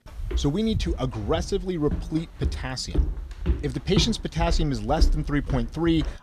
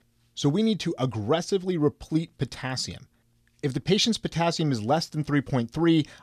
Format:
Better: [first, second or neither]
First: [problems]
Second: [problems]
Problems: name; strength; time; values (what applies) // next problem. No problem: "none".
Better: second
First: footsteps; loud; peak 1 dB above the speech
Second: none